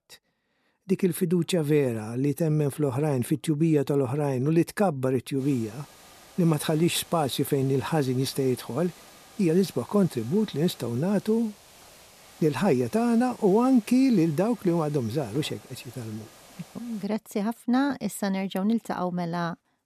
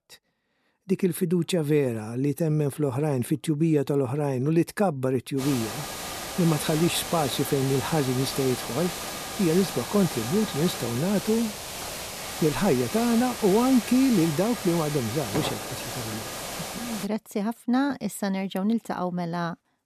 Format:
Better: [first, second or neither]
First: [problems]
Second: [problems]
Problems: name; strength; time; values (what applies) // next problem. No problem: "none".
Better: first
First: hiss; faint; from 5.5 to 17 s; 25 dB below the speech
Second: hiss; loud; from 5.5 to 17 s; 7 dB below the speech